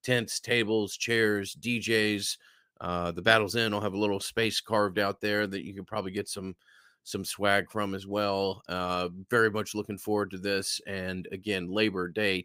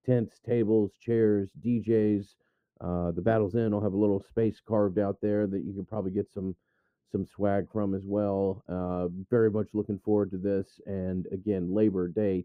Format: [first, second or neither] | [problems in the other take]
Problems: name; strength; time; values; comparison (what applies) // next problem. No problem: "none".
first | muffled; very; fading above 1.5 kHz